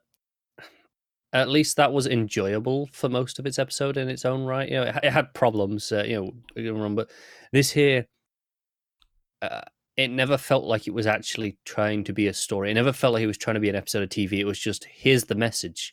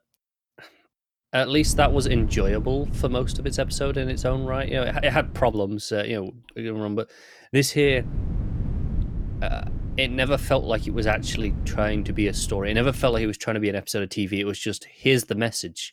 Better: first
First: none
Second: wind noise on the microphone; occasional gusts; from 1.5 to 5.5 s and from 8 to 13 s; 20 dB below the speech

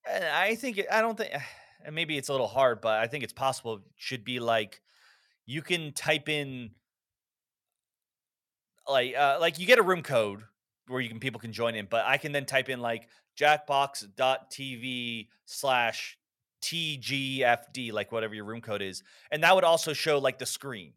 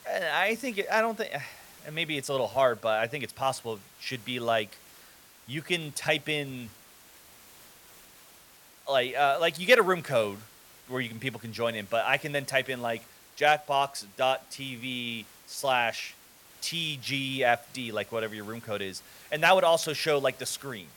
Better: first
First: none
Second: hiss; faint; throughout; 25 dB below the speech

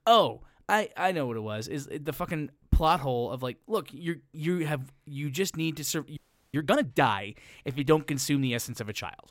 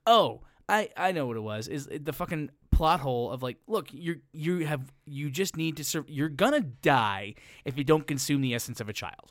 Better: second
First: audio freezing; at 6 s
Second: none

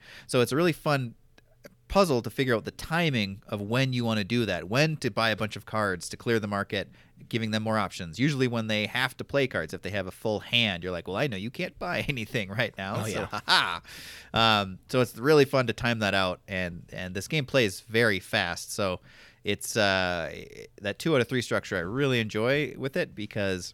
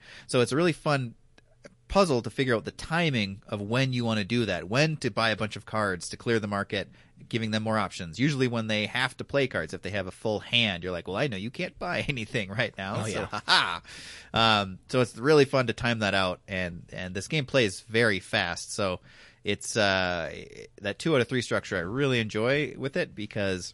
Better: first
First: none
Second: garbled, watery; slightly; nothing above 11 kHz

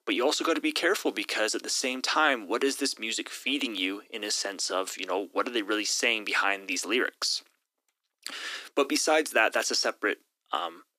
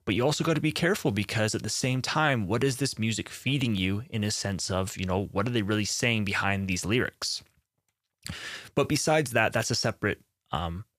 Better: second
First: thin; somewhat; fading below 250 Hz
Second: none

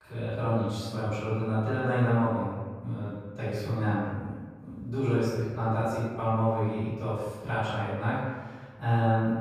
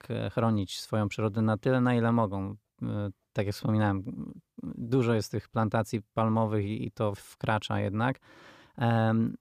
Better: second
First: room echo; strong; dies away in 1.3 s // off-mic speech; far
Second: none

